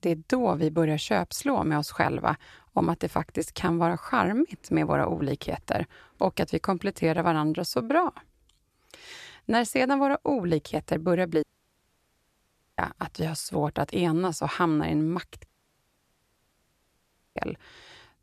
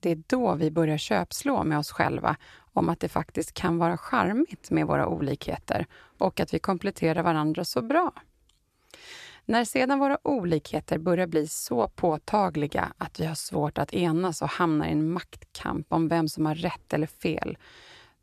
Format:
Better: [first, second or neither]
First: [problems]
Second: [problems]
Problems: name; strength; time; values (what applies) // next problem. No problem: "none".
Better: second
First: audio cutting out; at 11 s for 1.5 s and at 15 s for 2 s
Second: none